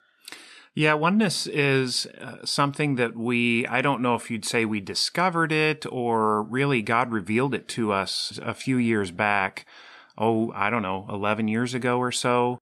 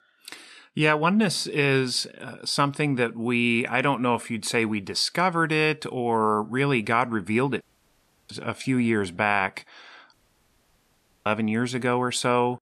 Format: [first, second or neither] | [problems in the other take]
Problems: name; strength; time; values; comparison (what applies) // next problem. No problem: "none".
first | audio cutting out; at 7.5 s for 0.5 s and at 10 s for 1 s